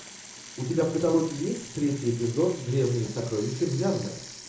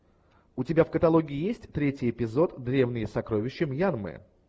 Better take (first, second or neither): second